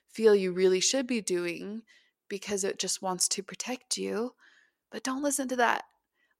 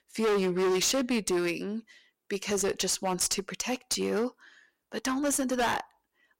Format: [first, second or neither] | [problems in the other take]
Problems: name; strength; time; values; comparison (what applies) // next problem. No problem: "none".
first | distortion; heavy; 14% of the sound clipped